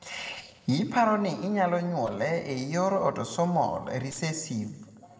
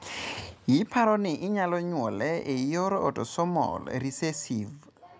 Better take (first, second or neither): second